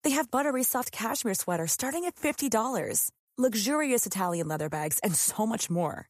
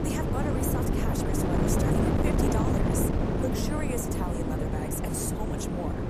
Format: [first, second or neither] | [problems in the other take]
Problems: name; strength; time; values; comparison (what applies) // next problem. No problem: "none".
first | wind noise on the microphone; heavy; 5 dB above the speech